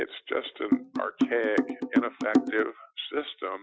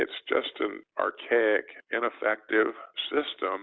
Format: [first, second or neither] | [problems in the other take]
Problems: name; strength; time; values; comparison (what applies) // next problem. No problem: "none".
second | noise reduction (classical method Wiener filter)